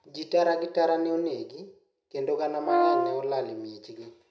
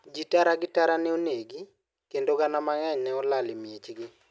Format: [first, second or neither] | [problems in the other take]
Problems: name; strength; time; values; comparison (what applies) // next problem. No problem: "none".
second | background sound (Brass instrument); 2 dB above the speech // room echo; dies away in 0.5 s